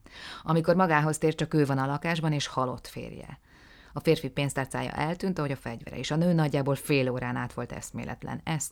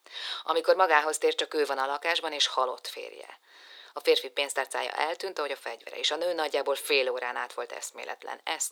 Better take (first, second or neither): first